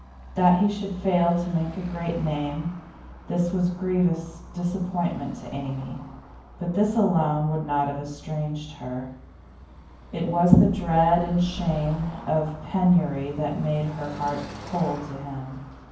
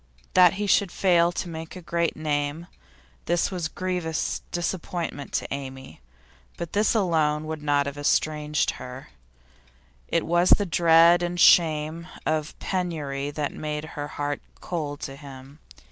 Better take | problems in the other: second | background sound (Car passing by / Traffic noise, roadway noise); 18 dB below the speech // room echo; dies away in 0.9 s

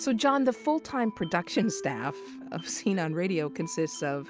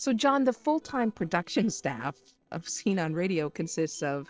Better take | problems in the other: first | noise reduction (neural separator model SepFormer DNS4)

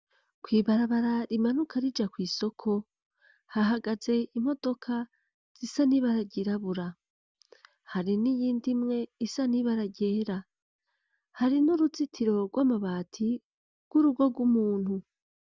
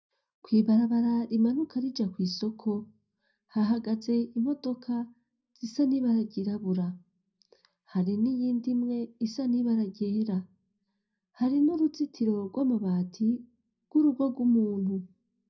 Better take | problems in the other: first | room echo; dies away in 0.4 s

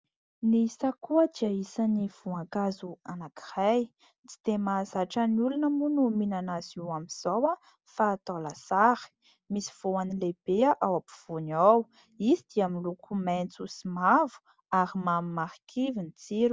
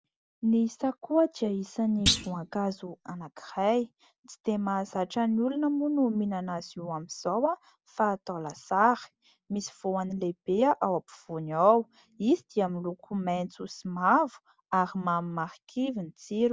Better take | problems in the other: first | background sound (Thump, thud); 3 dB below the speech

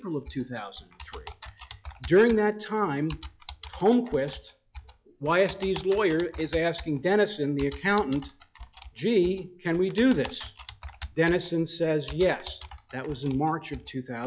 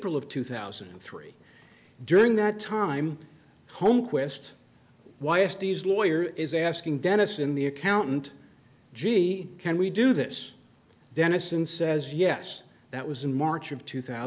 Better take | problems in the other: second | noise reduction (classical method log-MMSE)

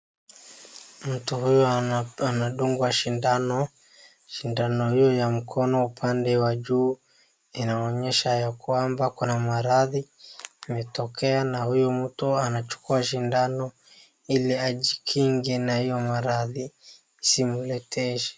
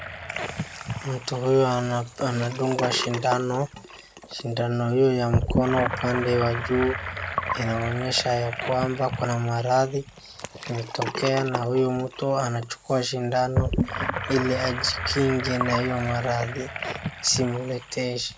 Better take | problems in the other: first | background sound (Sink (filling or washing) / Gurgling); 6 dB below the speech

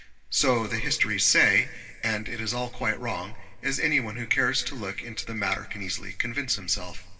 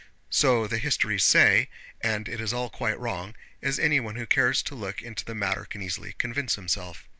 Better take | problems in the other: second | room echo; dies away in 1.9 s

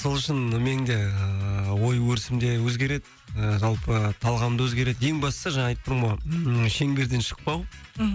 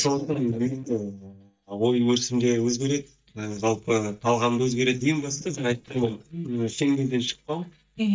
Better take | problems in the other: first | noise reduction (neural mask model DeepFilterNet 3)

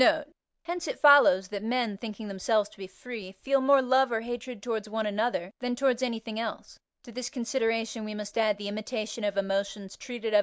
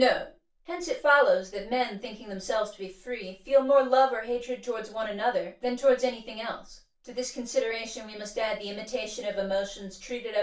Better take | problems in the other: first | room echo; dies away in 0.2 s

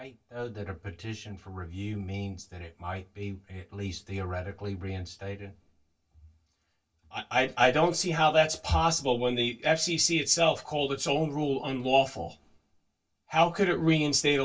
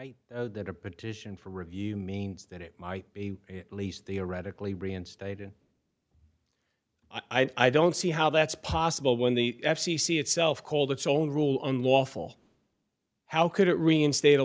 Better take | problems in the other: second | room echo; dies away in 0.1 s

